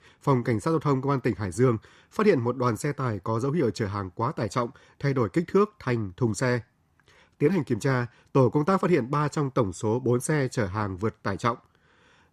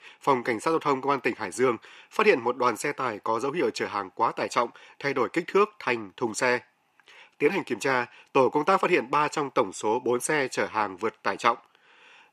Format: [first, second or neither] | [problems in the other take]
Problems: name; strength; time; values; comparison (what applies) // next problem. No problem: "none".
first | thin; somewhat; fading below 400 Hz